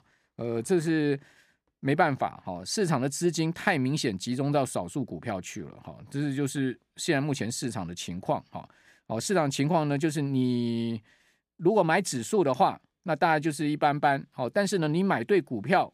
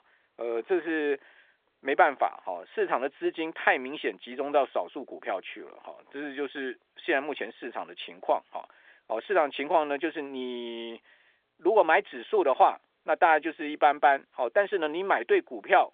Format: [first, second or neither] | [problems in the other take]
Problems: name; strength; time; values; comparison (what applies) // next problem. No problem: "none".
first | phone-call audio; nothing above 3.5 kHz